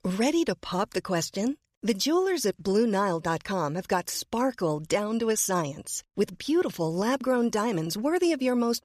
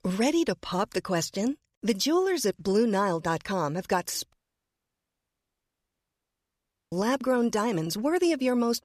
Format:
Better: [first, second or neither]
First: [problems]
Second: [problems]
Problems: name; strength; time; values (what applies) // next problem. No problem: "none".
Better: first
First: none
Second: audio cutting out; at 4.5 s for 2.5 s